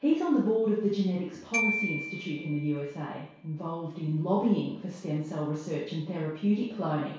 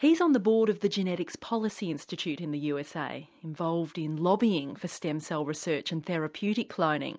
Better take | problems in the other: second | background sound (Glockenspiel); 7 dB below the speech // room echo; dies away in 0.6 s

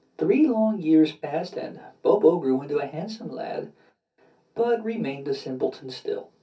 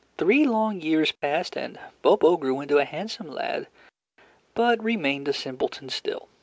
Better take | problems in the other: second | room echo; dies away in 0.3 s

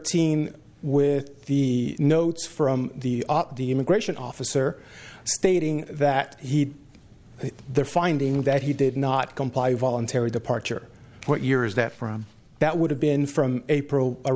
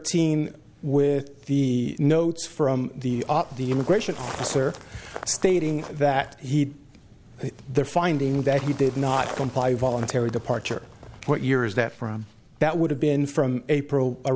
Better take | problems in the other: first | background sound (Walk, footsteps); 15 dB below the speech

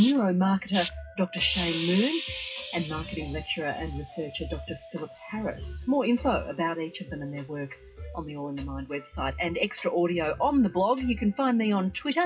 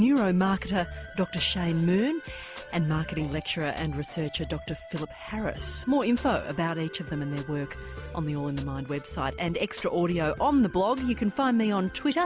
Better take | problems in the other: second | noise reduction (classical method WPE with log-MMSE)

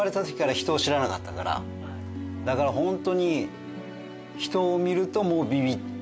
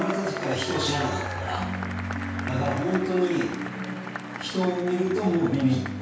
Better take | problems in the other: first | background sound (Applause / Crowd / Cheering); 9 dB below the speech // room echo; dies away in 0.6 s

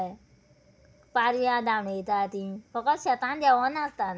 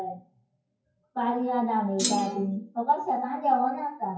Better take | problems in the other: first | noise reduction (classical method WPE with log-MMSE)

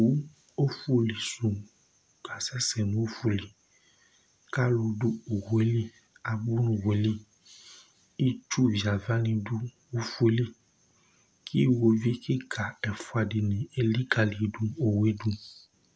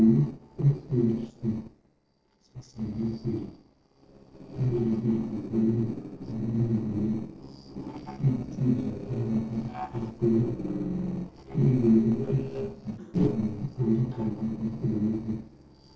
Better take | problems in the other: first | noise reduction (neural separator model SepFormer DNS4)

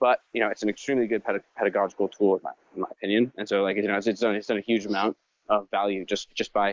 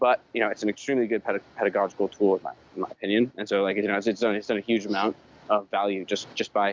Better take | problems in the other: second | noise reduction (neural mask model Resemble Enhance denoiser)

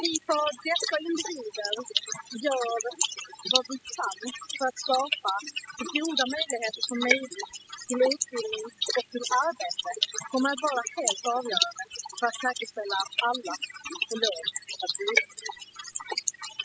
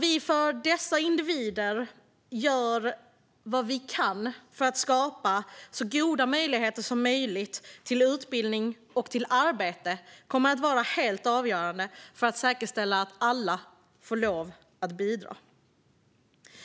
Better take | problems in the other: second | noise reduction (classical method spectral subtraction)

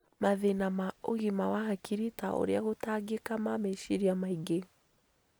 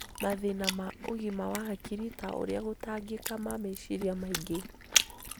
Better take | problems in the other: first | background sound (Chewing, mastication); 2 dB below the speech

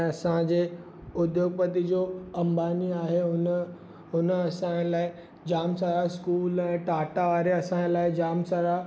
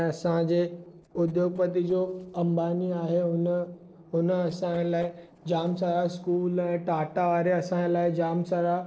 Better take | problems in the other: first | noise reduction (neural separator model SepFormer DNS4)

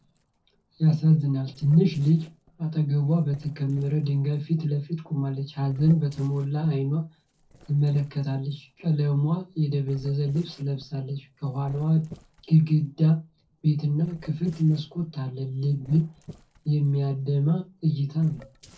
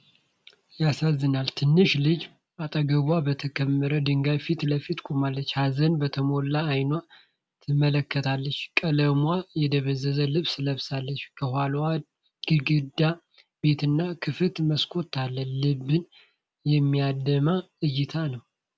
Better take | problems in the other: second | noise reduction (neural separator model SepFormer DNS4)

